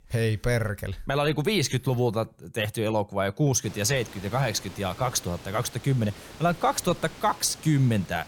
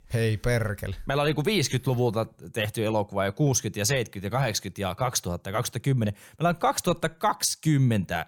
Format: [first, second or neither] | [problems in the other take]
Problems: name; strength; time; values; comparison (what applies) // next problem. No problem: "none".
second | hiss; noticeable; from 3.5 s on; 20 dB below the speech